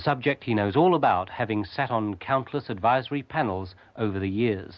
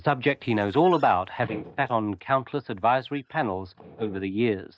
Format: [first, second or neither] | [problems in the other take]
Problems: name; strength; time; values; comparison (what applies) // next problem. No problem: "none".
first | noise reduction (neural mask model DeepFilterNet 3)